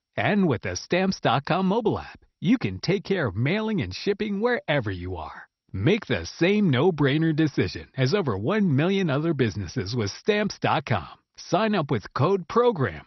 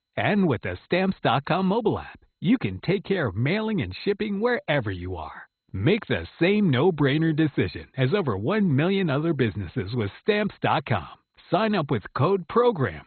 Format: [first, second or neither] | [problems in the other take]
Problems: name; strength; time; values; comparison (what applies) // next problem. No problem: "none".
first | garbled, watery; badly; nothing above 4 kHz; slightly in the first